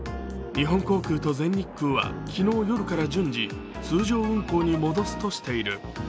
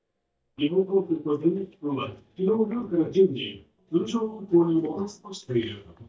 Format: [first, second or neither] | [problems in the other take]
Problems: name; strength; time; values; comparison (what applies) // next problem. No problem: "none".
first | noise reduction (neural mask model DeepFilterNet 3)